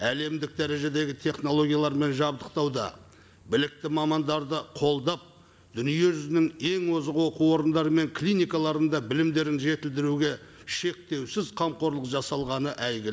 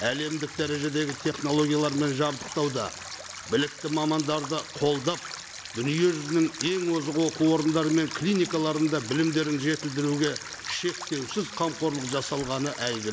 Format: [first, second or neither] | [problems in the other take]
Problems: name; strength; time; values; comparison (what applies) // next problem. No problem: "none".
first | background sound (Stream); 12 dB below the speech